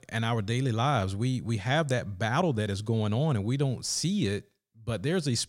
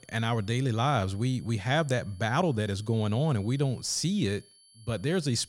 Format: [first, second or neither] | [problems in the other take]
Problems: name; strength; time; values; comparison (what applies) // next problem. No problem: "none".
first | high-pitched whine; faint; throughout; 4.5 kHz, 30 dB below the speech